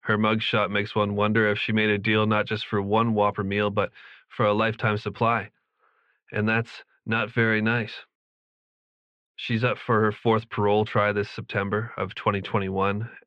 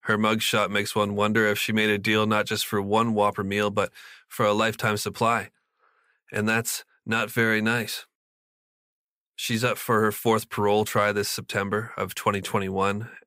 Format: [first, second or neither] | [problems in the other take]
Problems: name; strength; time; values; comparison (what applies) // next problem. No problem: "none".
second | muffled; slightly; fading above 3 kHz